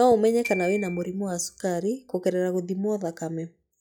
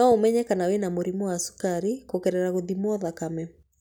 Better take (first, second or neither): second